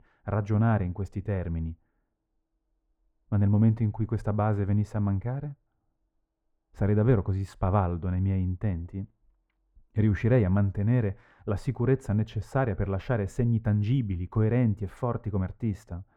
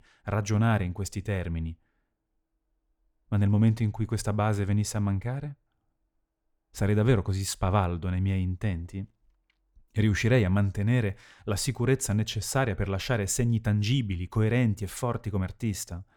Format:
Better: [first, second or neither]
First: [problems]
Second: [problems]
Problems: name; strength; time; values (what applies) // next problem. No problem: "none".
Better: second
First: muffled; very; fading above 2.5 kHz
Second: none